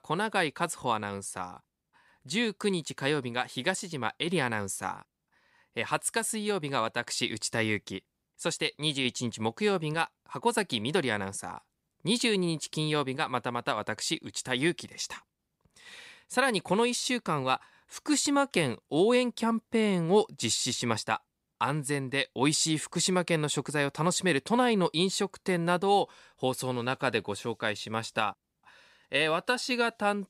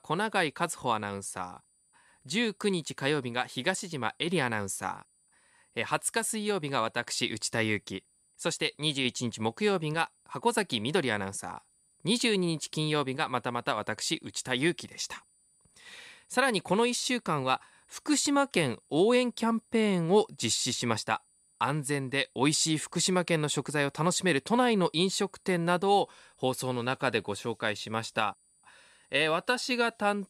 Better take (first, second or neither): first